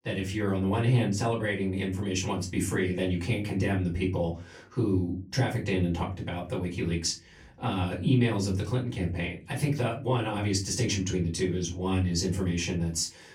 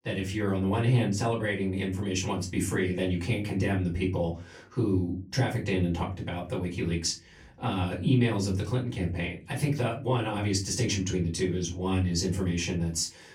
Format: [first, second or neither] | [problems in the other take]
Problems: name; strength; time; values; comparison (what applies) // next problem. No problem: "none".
neither | off-mic speech; far; the same in both // room echo; very slight; dies away in 0.3 s; the same in both